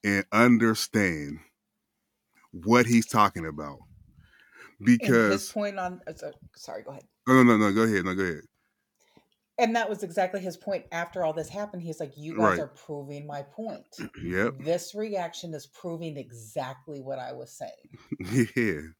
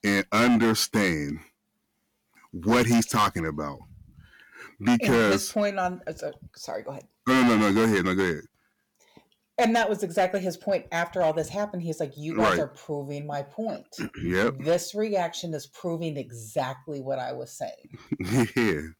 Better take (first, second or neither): first